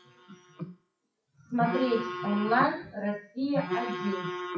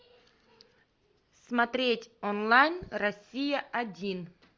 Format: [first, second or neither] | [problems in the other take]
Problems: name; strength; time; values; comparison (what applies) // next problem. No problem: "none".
second | noise reduction (classical method WPE with log-MMSE)